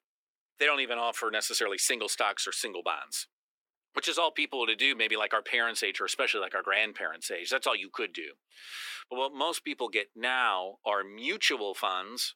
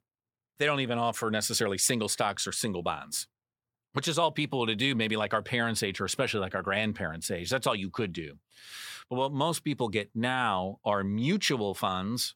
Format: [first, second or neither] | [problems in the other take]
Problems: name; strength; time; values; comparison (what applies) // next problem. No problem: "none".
second | thin; very; fading below 300 Hz